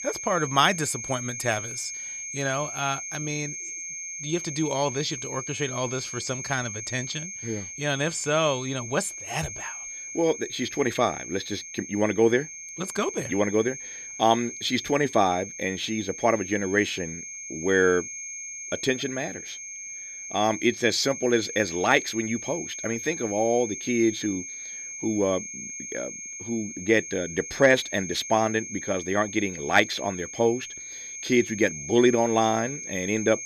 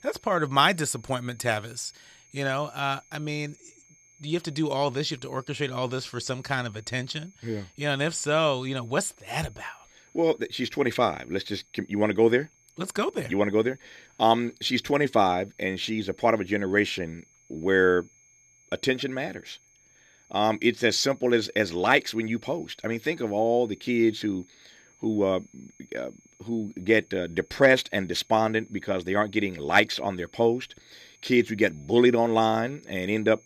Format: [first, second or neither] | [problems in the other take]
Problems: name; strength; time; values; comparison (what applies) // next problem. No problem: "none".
second | high-pitched whine; loud; throughout; 6.5 kHz, 8 dB below the speech; faint in the second